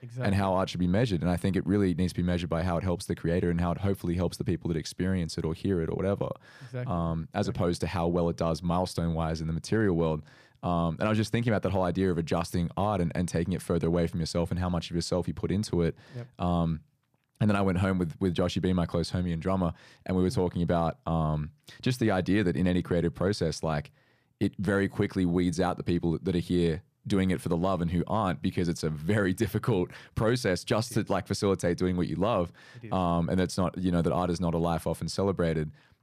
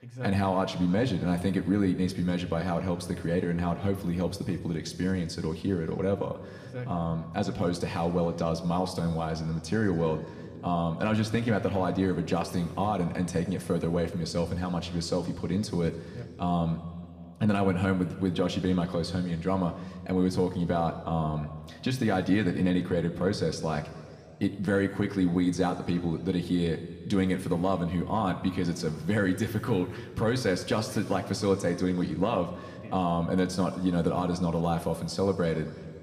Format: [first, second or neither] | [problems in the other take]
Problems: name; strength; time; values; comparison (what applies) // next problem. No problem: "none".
first | room echo; slight; dies away in 1.7 s